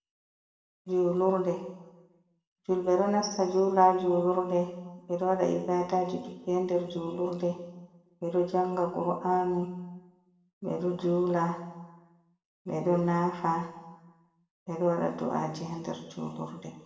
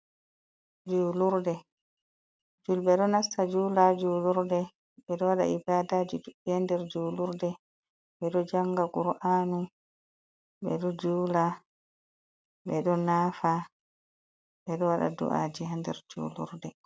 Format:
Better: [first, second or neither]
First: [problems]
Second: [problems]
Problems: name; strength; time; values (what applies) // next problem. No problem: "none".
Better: second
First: room echo; dies away in 1 s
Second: none